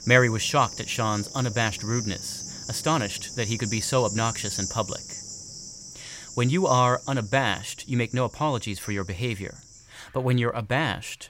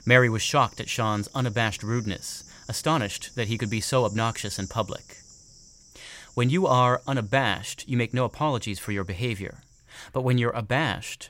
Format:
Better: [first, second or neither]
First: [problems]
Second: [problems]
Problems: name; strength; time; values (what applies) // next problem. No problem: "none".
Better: second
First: animal sounds; loud; throughout; 9 dB below the speech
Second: animal sounds; faint; throughout; 20 dB below the speech